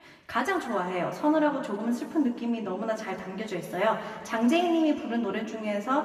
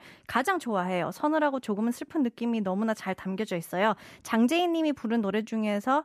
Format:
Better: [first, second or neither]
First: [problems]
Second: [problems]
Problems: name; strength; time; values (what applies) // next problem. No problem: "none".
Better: second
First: room echo; noticeable; dies away in 2 s // off-mic speech; far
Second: none